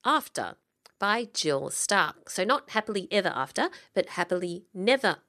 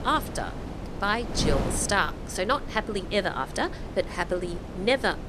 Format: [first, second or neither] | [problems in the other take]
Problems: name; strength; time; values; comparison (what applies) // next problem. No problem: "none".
first | wind noise on the microphone; occasional gusts; 10 dB below the speech